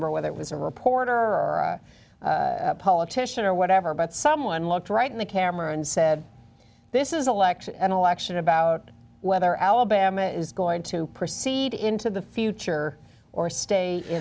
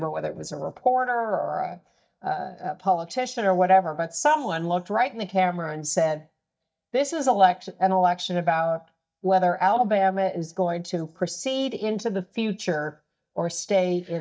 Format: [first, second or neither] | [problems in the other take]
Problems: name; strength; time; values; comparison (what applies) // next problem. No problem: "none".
first | noise reduction (neural mask model DeepFilterNet 3)